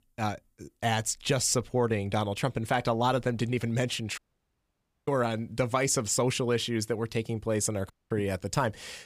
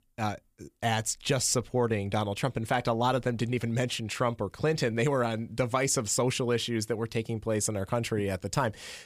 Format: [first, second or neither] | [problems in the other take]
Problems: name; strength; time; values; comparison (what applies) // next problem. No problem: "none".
second | audio cutting out; at 4 s for 1 s and at 8 s